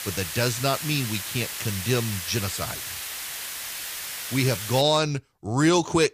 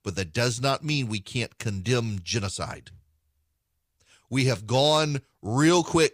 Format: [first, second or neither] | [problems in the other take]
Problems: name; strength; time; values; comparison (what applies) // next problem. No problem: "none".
second | hiss; loud; until 5 s; 6 dB below the speech